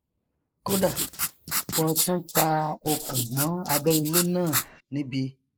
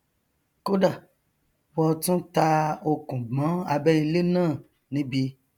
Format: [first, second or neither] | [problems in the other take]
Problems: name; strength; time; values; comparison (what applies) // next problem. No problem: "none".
second | noise reduction (neural mask model Resemble Enhance denoiser)